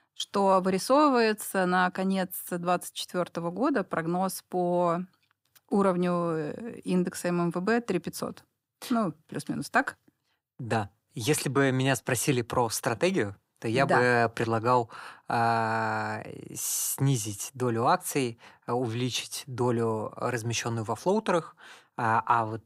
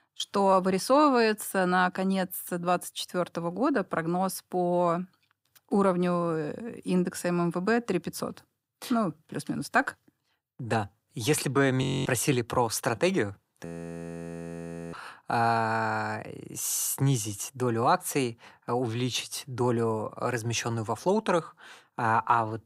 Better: first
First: none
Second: audio freezing; at 12 s and at 14 s for 1.5 s

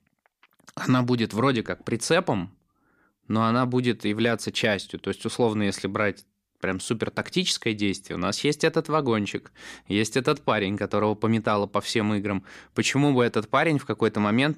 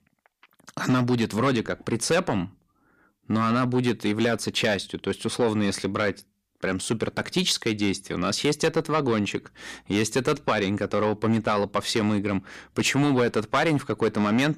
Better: first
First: none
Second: distortion; slight; 10 dB below the speech

